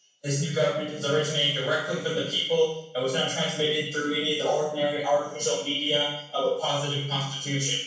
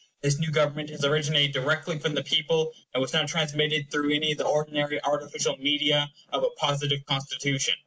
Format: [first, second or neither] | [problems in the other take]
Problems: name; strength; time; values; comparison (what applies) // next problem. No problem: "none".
second | room echo; dies away in 0.7 s